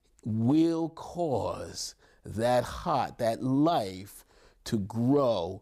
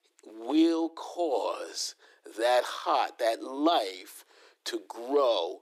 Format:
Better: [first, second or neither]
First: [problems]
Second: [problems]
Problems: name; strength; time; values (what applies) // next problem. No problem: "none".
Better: first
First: none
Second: thin; somewhat; fading below 300 Hz